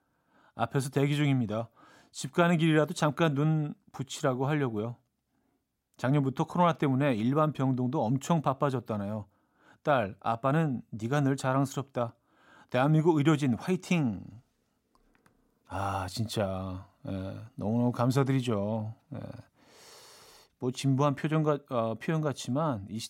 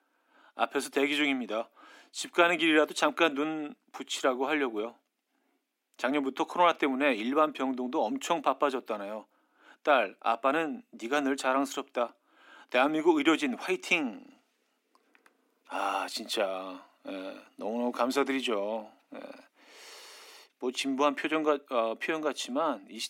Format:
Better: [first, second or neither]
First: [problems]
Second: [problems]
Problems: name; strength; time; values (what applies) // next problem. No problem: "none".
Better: first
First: none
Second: thin; somewhat; fading below 250 Hz